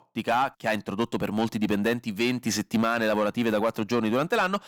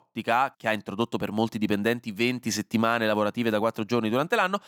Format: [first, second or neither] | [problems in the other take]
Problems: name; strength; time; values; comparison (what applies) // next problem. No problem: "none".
second | distortion; slight; 10 dB below the speech